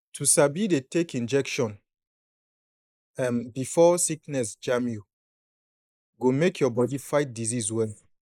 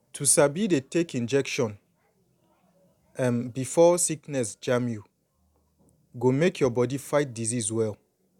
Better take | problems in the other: second | noise reduction (neural mask model Resemble Enhance denoiser)

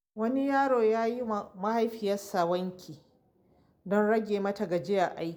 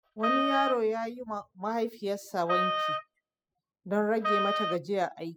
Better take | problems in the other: first | noise reduction (classical method spectral subtraction)

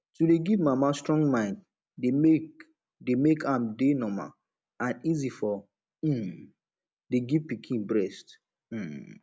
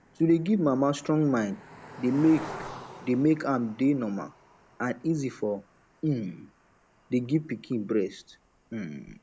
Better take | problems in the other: first | background sound (Cricket); 19 dB below the speech

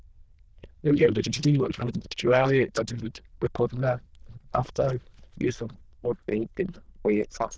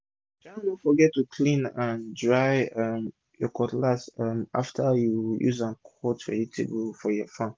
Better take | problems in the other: second | noise reduction (neural diffusion model UNIVERSE++)

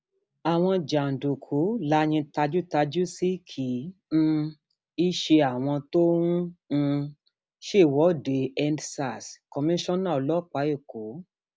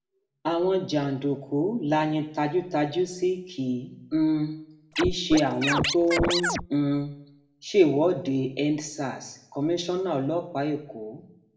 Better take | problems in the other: first | background sound (Scratching (performance technique)); 1 dB below the speech // room echo; dies away in 0.6 s

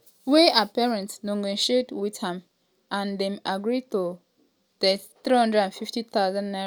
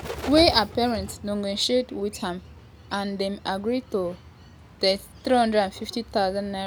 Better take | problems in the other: first | background sound (Bird); 15 dB below the speech

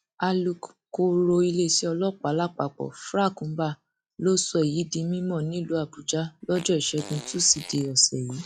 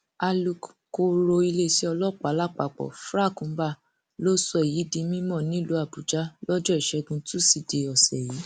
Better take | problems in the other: second | noise reduction (classical method log-MMSE)

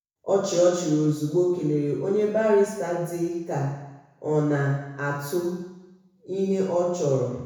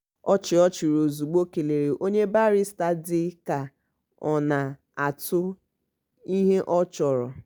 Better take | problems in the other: second | room echo; dies away in 1 s

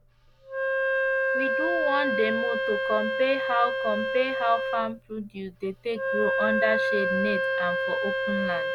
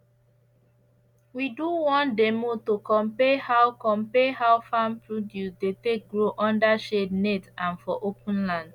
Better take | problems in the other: second | background sound (Wind instrument, woodwind instrument); 2 dB above the speech

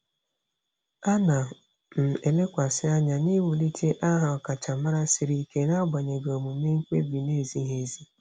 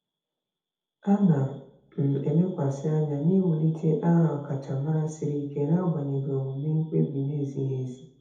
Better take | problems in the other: first | room echo; dies away in 0.7 s

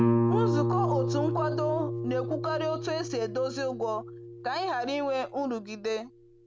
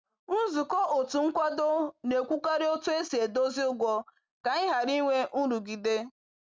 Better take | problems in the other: second | background sound (Guitar); 1 dB above the speech

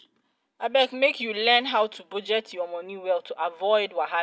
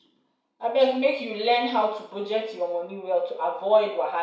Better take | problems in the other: first | room echo; dies away in 0.6 s

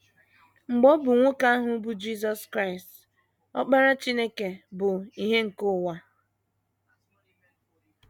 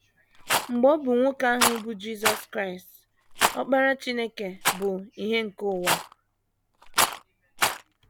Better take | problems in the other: first | background sound (Rattle); 2 dB below the speech

